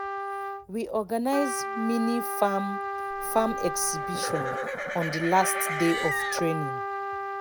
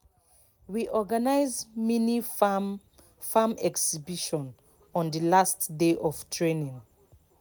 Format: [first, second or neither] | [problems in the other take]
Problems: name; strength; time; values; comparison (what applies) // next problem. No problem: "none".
second | background sound (Livestock, farm animals, working animals + Trumpet); 3 dB below the speech